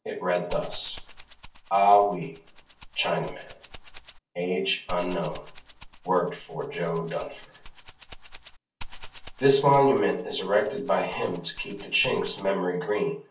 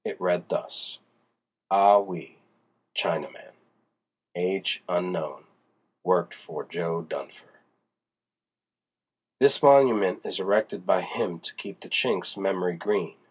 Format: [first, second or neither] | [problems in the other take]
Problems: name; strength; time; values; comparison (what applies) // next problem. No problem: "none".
second | background sound (Rattle (instrument)); 15 dB below the speech // room echo; dies away in 0.3 s